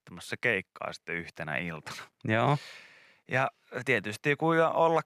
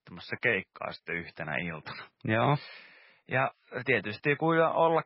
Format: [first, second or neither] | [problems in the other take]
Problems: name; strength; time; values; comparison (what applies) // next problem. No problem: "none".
first | garbled, watery; badly; nothing above 5.5 kHz